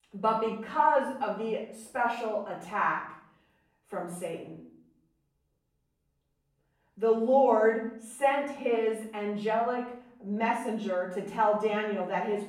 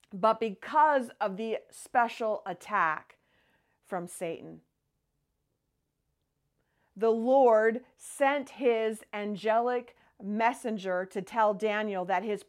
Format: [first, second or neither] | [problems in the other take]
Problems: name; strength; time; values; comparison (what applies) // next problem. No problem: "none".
second | off-mic speech; far // room echo; noticeable; dies away in 0.5 s